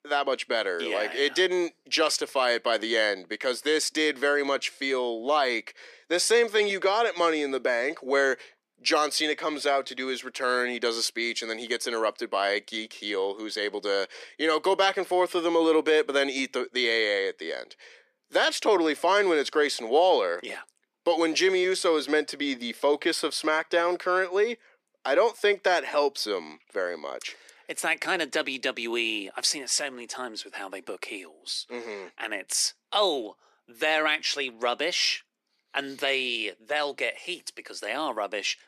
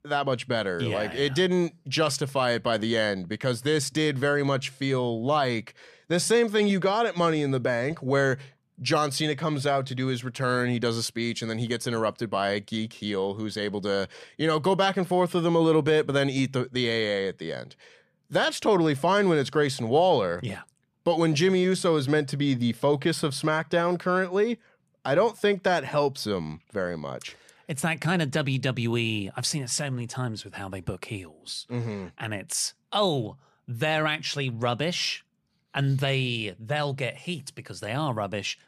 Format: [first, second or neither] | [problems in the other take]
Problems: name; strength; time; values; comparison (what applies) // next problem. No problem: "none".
second | thin; somewhat; fading below 300 Hz